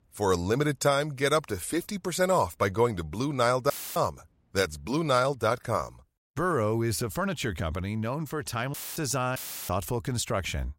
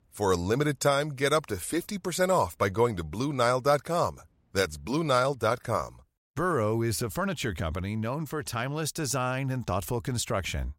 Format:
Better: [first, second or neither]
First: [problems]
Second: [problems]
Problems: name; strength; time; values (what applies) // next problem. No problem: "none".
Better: second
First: audio cutting out; filled with static; at 3.5 s, at 8.5 s and at 9.5 s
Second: none